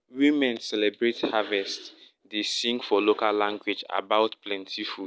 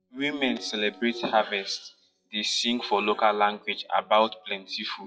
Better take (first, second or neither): first